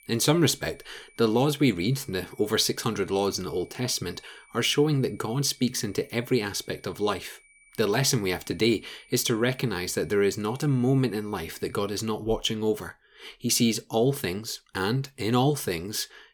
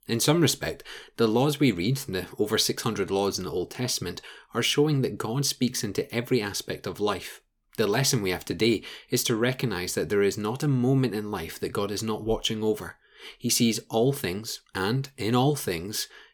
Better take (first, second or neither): second